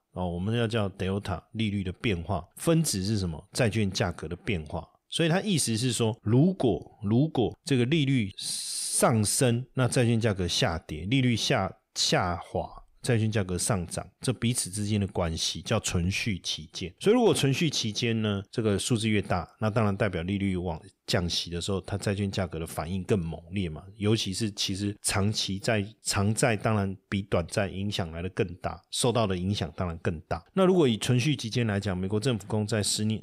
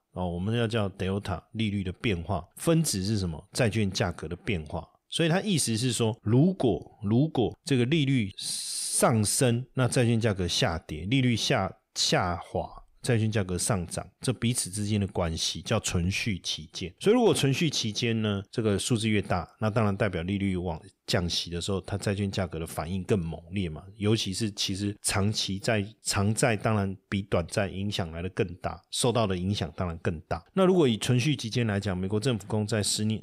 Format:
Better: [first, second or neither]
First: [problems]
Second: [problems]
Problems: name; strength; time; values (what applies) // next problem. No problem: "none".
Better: neither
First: none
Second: none